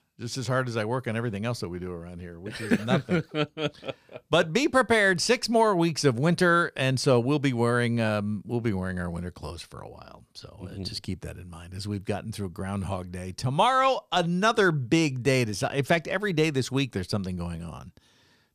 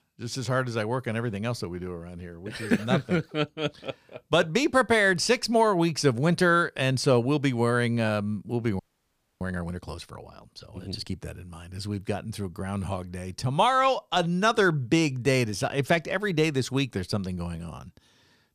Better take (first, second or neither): first